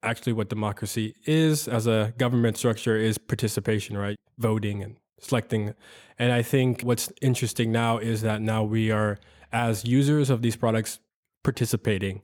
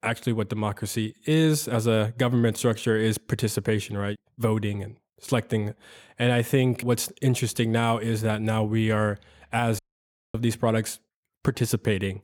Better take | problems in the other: first | audio cutting out; at 10 s for 0.5 s

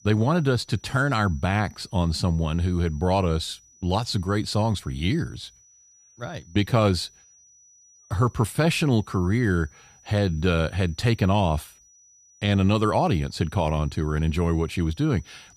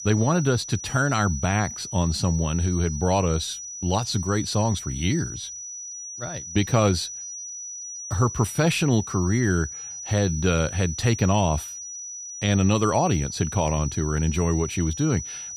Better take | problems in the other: first | high-pitched whine; loud; throughout; 6 kHz, 9 dB below the speech; faint in the first

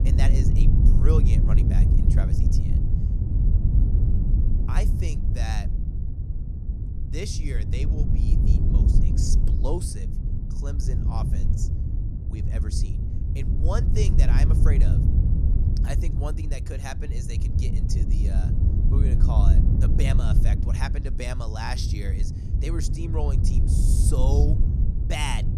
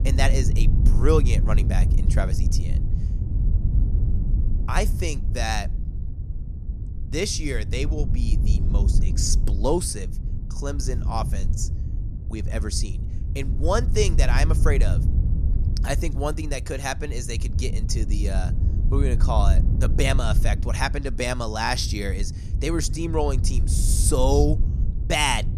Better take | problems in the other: second | wind noise on the microphone; heavy; 2 dB below the speech; occasional gusts in the second

